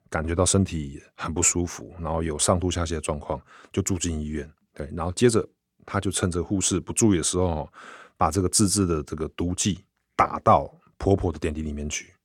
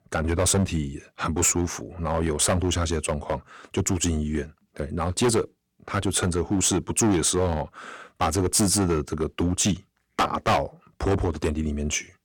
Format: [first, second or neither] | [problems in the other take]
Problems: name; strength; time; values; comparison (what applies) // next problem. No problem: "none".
first | distortion; heavy; 7% of the sound clipped